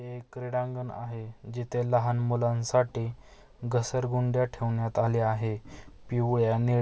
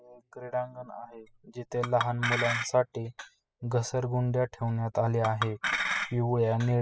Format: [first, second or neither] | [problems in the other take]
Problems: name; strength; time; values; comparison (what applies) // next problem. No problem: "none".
first | noise reduction (classical method spectral subtraction)